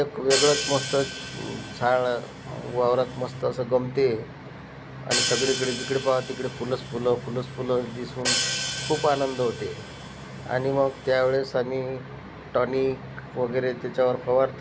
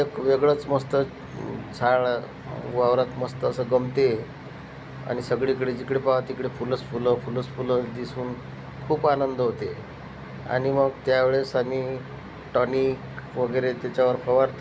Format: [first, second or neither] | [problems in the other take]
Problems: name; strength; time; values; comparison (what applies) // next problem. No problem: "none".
second | background sound (Hi-hat); 6 dB below the speech